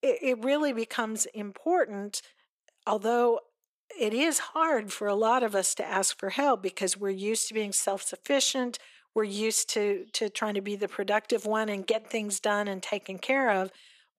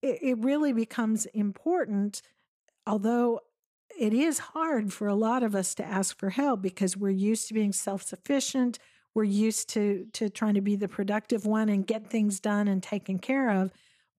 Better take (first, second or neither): second